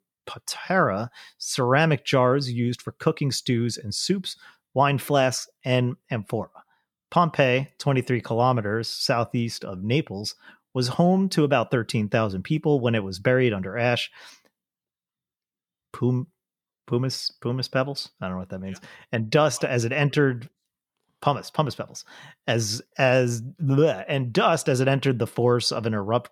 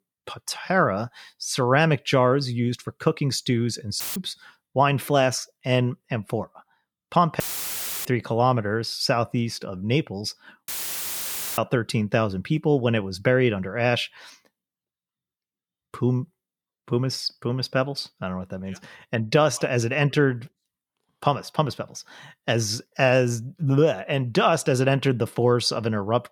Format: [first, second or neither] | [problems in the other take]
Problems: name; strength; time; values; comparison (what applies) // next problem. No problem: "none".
first | audio cutting out; filled with static; at 4 s, at 7.5 s for 0.5 s and at 11 s for 1 s